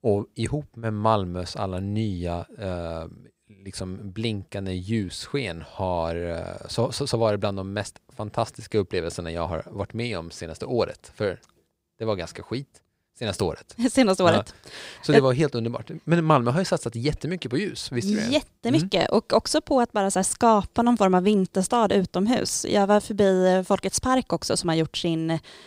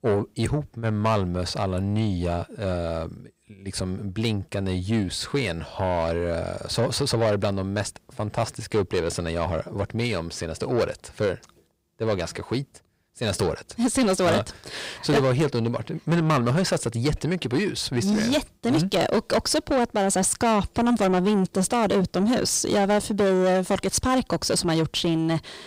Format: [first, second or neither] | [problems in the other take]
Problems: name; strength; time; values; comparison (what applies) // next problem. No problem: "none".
first | distortion; heavy; 8 dB below the speech